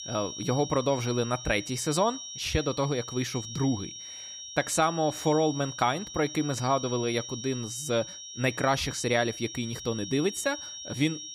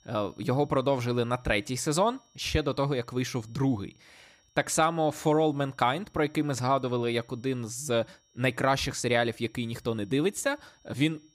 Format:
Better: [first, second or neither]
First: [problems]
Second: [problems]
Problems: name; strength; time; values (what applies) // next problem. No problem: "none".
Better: second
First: high-pitched whine; loud; throughout; 5.5 kHz, 9 dB below the speech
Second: high-pitched whine; faint; throughout; 5.5 kHz, 35 dB below the speech